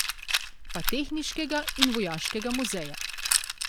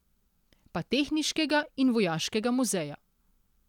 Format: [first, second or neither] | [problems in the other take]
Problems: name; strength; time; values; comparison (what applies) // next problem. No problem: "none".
second | background sound (Rattle); 2 dB above the speech